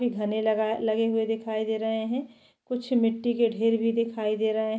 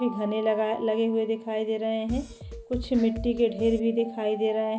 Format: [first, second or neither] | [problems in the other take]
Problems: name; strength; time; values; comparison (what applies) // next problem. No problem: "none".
first | background sound (Alarm + Drum kit); 14 dB below the speech